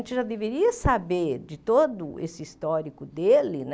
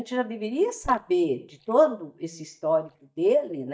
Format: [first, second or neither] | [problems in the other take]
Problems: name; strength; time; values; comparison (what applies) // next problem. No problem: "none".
first | noise reduction (neural mask model DeepFilterNet 3)